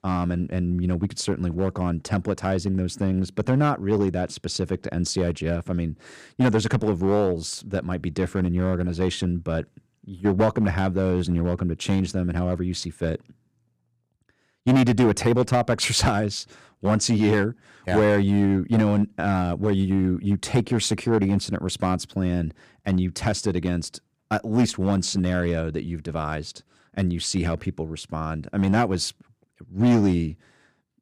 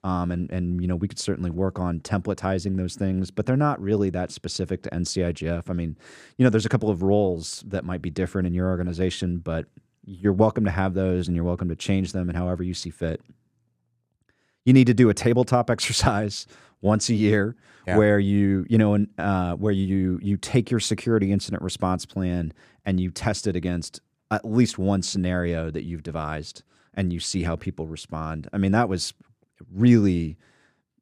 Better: second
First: distortion; slight; 3% of the sound clipped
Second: none

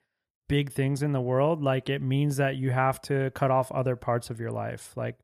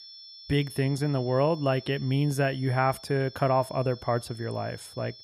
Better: first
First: none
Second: high-pitched whine; noticeable; throughout; 5.5 kHz, 20 dB below the speech

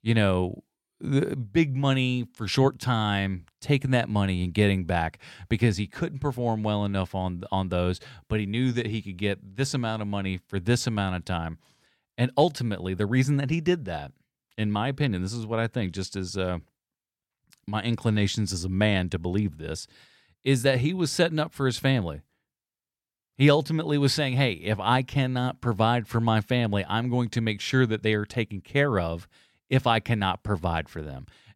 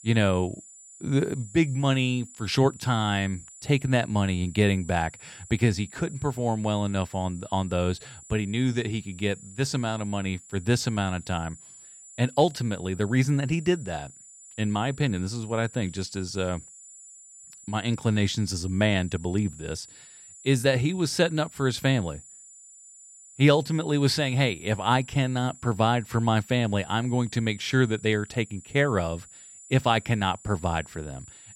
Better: first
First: none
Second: high-pitched whine; noticeable; throughout; 7 kHz, 20 dB below the speech

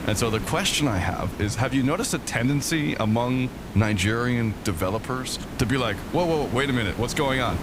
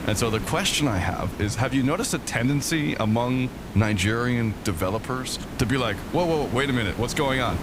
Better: neither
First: hiss; noticeable; throughout; 10 dB below the speech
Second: hiss; noticeable; throughout; 10 dB below the speech

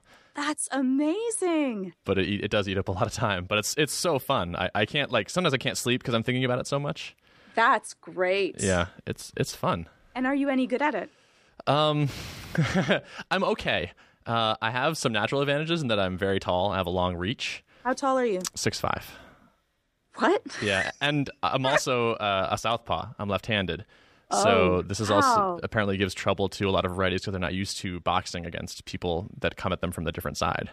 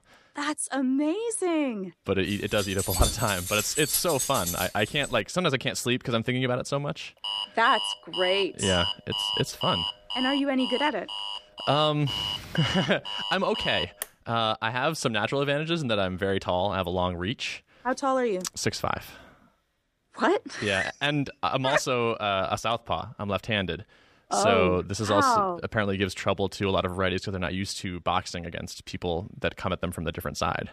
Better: first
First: none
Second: jangling keys; loud; from 2.5 to 5 s; peak 1 dB above the speech // alarm; loud; from 7 to 14 s; peak level with the speech

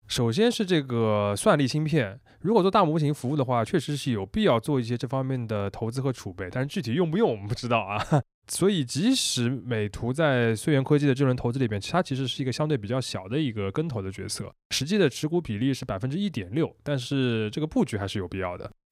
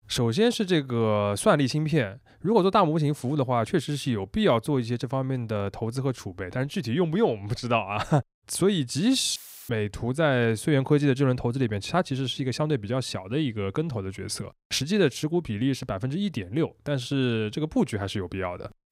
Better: first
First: none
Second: audio cutting out; filled with static; at 9.5 s

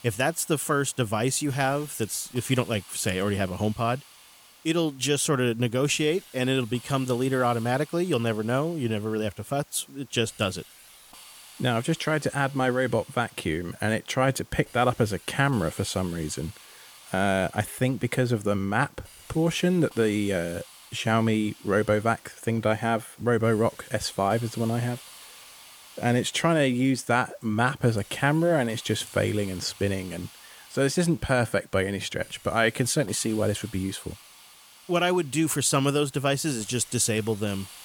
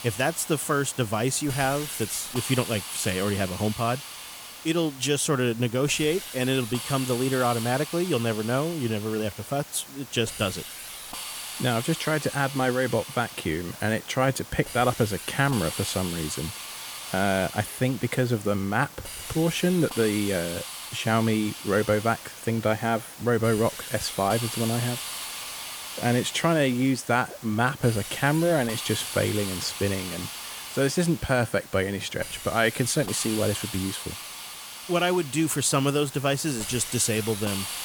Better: first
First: hiss; faint; throughout; 20 dB below the speech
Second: hiss; loud; throughout; 9 dB below the speech

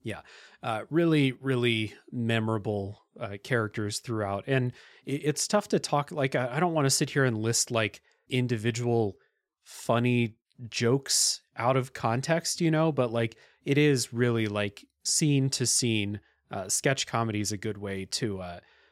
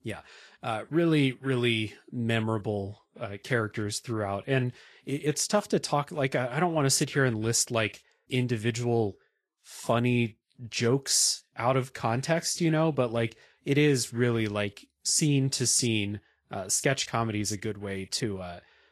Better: first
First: none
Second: garbled, watery; slightly

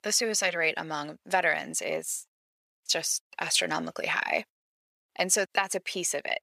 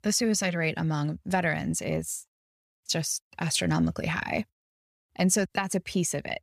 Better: second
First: thin; very; fading below 500 Hz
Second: none

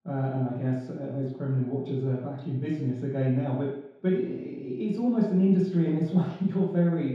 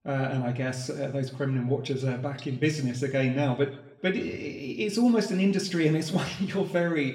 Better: second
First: room echo; strong; dies away in 0.8 s // off-mic speech; far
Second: room echo; slight; dies away in 0.7 s // off-mic speech; somewhat distant

